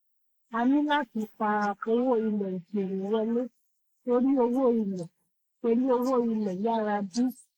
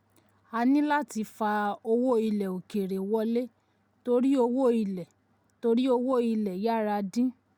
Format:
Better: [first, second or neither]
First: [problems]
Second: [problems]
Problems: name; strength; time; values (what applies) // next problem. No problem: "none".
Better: second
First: noise reduction (neural mask model Resemble Enhance denoiser)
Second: none